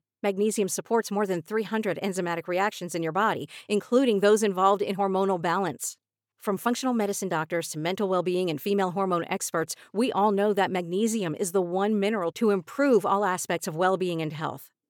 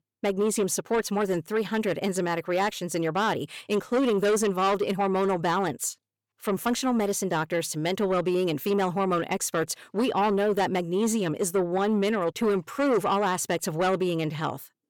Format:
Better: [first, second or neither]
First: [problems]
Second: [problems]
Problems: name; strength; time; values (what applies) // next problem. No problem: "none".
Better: first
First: none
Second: distortion; slight; 10 dB below the speech